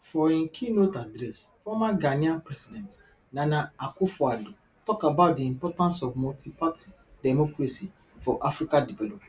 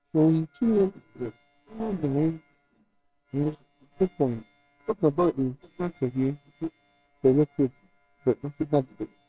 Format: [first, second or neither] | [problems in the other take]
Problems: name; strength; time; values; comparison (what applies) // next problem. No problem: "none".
first | noise reduction (neural separator model SepFormer WHAMR!)